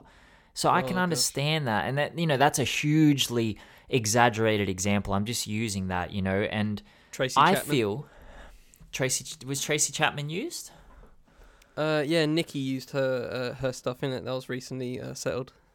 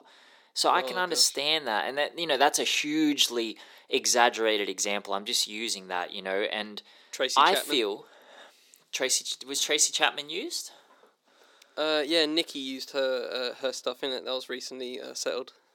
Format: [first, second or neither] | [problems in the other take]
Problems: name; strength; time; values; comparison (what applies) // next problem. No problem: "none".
first | thin; somewhat; fading below 300 Hz